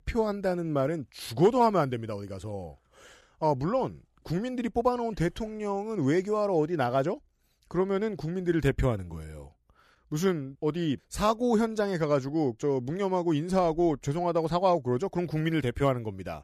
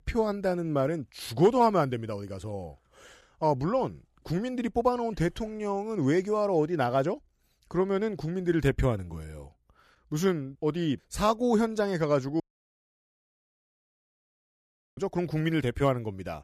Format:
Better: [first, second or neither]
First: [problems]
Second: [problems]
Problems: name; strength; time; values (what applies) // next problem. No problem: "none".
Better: first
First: none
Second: audio cutting out; at 12 s for 2.5 s